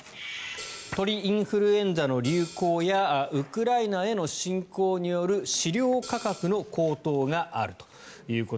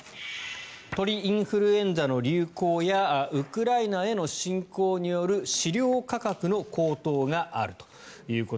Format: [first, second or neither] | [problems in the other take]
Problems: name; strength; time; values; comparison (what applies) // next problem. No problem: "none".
second | background sound (Hi-hat); 15 dB below the speech